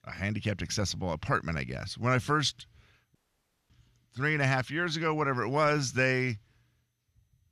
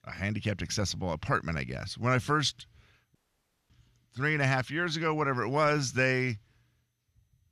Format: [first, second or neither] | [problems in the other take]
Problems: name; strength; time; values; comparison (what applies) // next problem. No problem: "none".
neither | audio cutting out; at 3 s for 0.5 s; the same in both